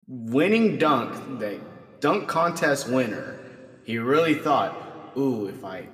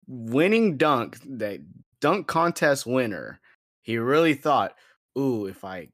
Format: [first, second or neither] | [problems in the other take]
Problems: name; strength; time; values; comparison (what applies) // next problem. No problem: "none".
second | room echo; very slight; dies away in 1.5 s